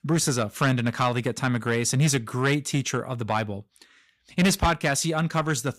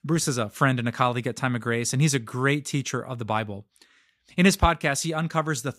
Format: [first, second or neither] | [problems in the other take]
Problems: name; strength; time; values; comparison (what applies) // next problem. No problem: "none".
second | distortion; slight; 10 dB below the speech